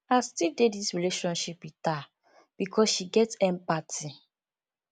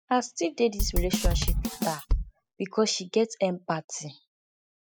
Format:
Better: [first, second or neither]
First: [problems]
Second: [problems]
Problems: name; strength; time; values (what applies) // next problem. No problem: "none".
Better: first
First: none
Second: noise reduction (classical method spectral subtraction)